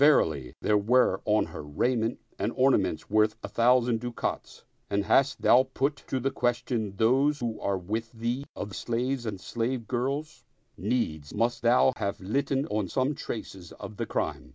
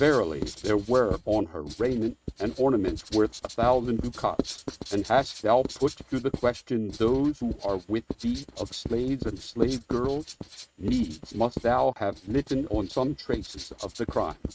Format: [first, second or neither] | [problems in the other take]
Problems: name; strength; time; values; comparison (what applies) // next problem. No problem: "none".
first | noise reduction (neural mask model RNNoise)